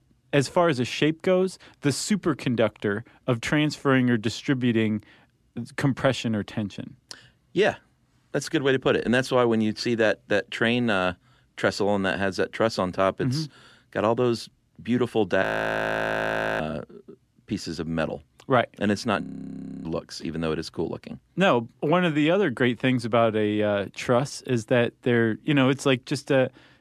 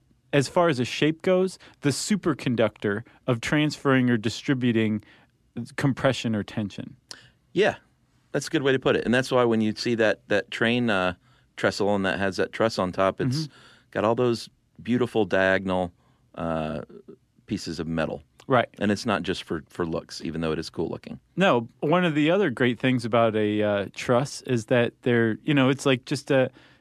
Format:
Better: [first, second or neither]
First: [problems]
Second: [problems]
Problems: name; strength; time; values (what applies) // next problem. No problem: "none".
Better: second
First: audio freezing; at 15 s for 1 s and at 19 s for 0.5 s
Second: none